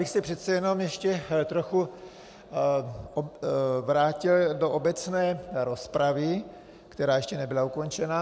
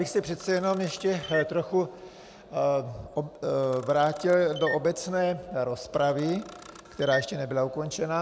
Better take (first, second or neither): first